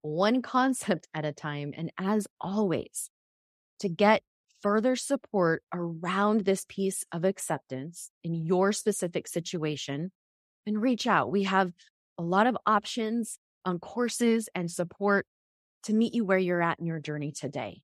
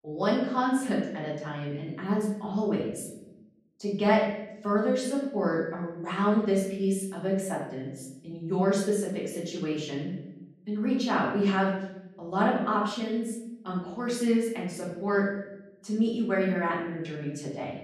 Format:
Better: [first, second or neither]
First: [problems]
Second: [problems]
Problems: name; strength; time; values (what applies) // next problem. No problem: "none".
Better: first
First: none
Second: room echo; noticeable; dies away in 0.8 s // off-mic speech; far